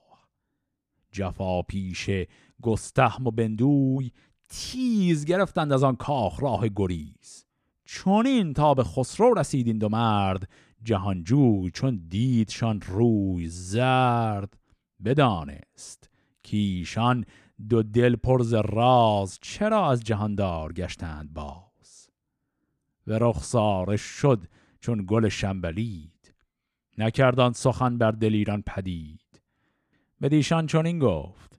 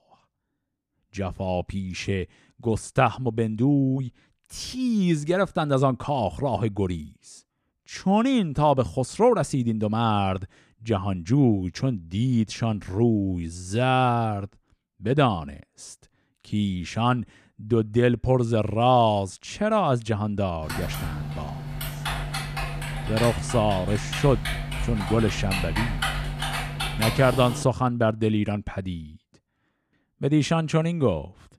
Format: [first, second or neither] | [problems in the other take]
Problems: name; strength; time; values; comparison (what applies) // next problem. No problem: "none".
first | keyboard typing; noticeable; from 21 to 28 s; peak 2 dB below the speech